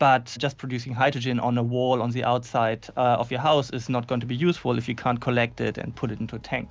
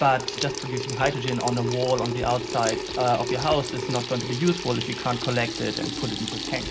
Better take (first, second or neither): first